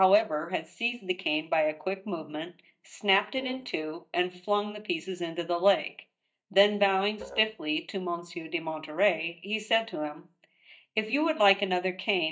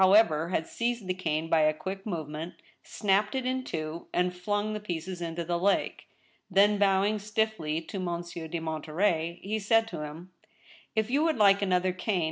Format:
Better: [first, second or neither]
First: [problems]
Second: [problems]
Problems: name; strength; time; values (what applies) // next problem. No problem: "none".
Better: second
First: noise reduction (neural mask model DeepFilterNet 3)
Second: none